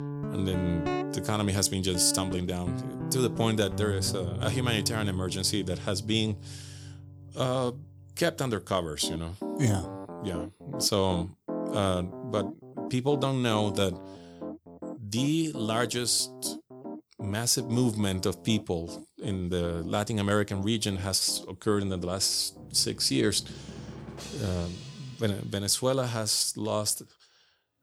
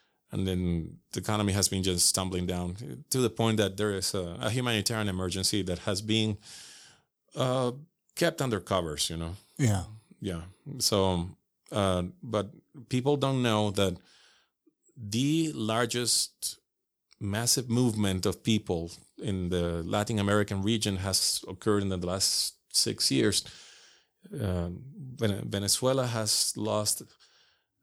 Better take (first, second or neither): second